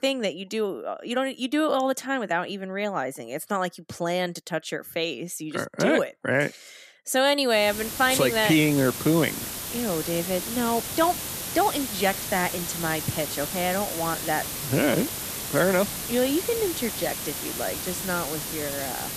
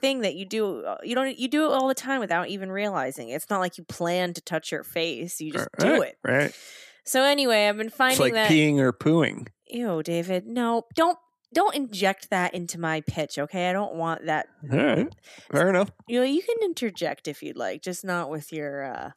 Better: second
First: hiss; loud; from 7.5 s on; 4 dB below the speech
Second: none

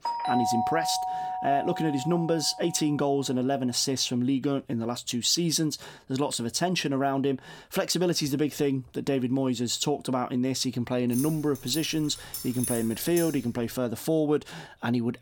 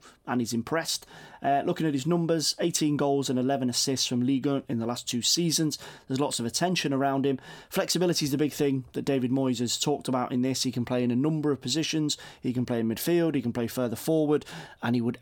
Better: second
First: doorbell; loud; until 3 s; peak 1 dB above the speech // jangling keys; noticeable; from 11 to 13 s; peak 4 dB below the speech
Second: none

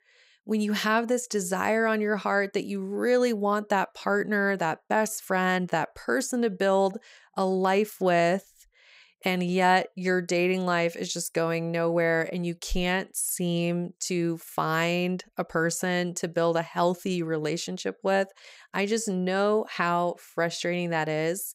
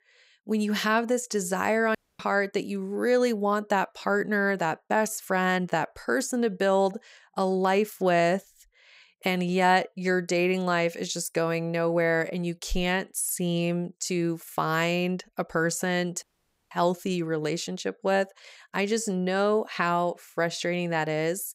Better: first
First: none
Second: audio cutting out; at 2 s and at 16 s

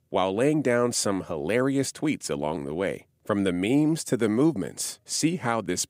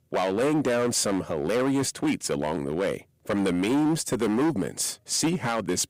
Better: first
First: none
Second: distortion; heavy; 15% of the sound clipped

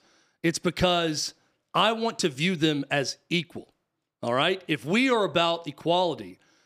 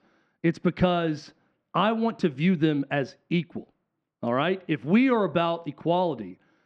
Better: first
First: none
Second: muffled; very; fading above 2 kHz

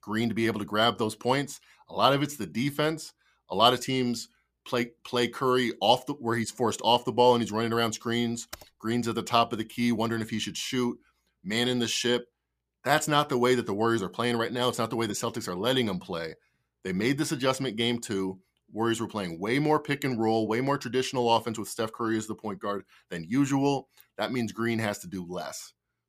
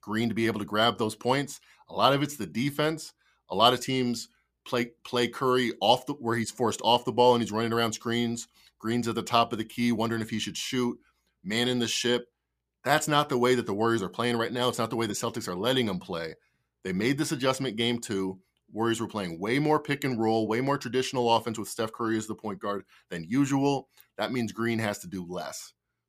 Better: second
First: keyboard typing; faint; at 8.5 s; peak 20 dB below the speech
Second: none

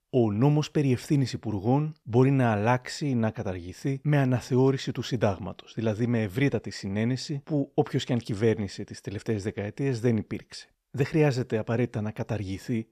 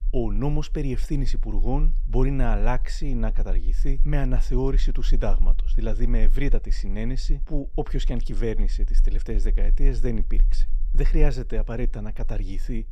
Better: first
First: none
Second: low rumble; faint; throughout; 25 dB below the speech

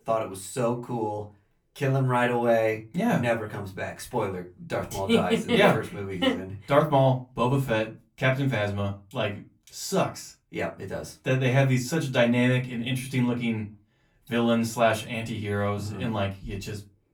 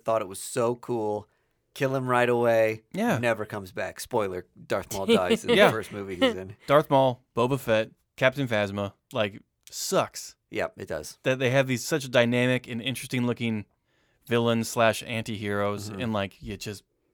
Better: second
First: off-mic speech; far // room echo; very slight; dies away in 0.2 s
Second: none

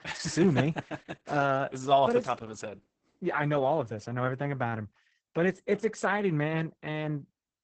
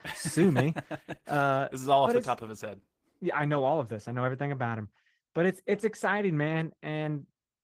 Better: second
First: garbled, watery; badly; nothing above 8 kHz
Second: garbled, watery; slightly; nothing above 15.5 kHz

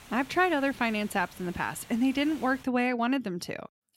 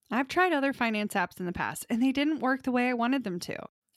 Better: second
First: hiss; faint; until 2.5 s; 20 dB below the speech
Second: none

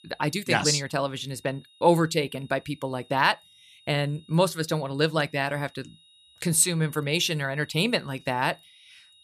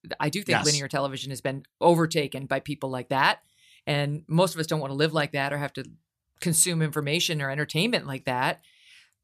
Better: second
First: high-pitched whine; faint; throughout; 3.5 kHz, 30 dB below the speech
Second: none

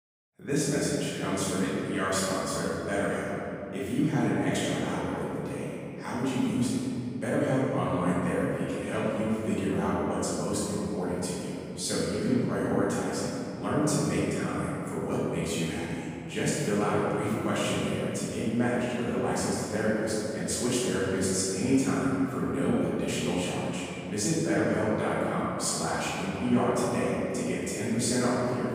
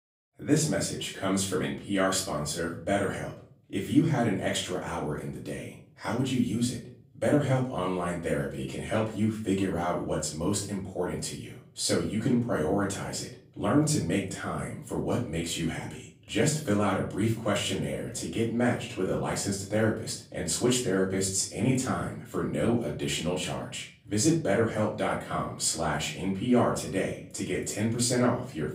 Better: second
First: room echo; strong; dies away in 2.9 s // off-mic speech; far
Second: room echo; slight; dies away in 0.4 s // off-mic speech; far

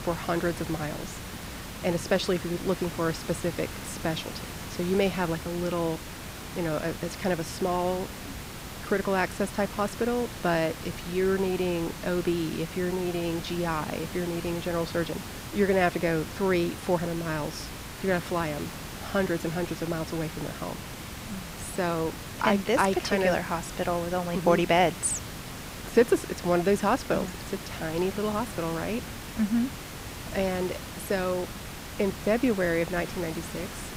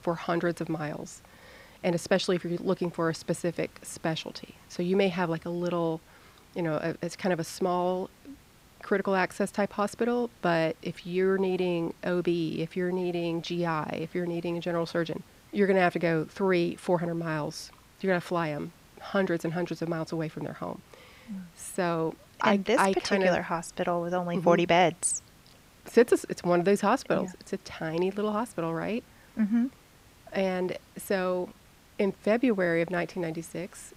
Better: second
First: hiss; loud; throughout; 10 dB below the speech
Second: hiss; faint; throughout; 25 dB below the speech

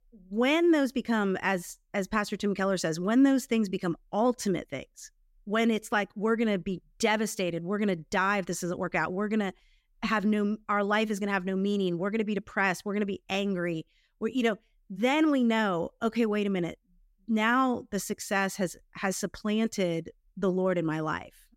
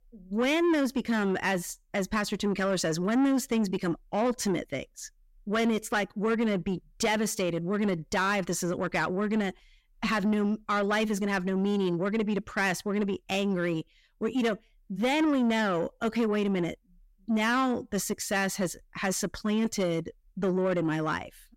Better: first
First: none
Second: distortion; slight; 10 dB below the speech

